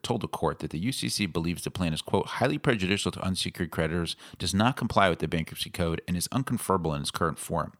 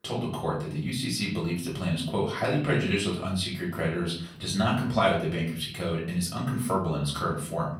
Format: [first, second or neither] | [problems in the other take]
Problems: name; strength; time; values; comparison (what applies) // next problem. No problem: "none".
first | off-mic speech; far // room echo; slight; dies away in 0.5 s